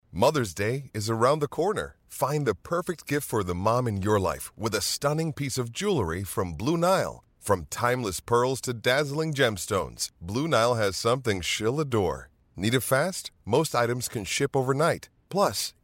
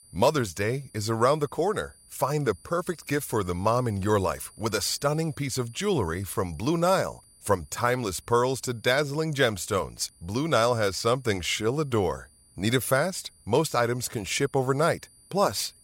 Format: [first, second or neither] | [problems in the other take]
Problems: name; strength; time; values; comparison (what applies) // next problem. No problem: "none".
first | high-pitched whine; faint; throughout; 9.5 kHz, 25 dB below the speech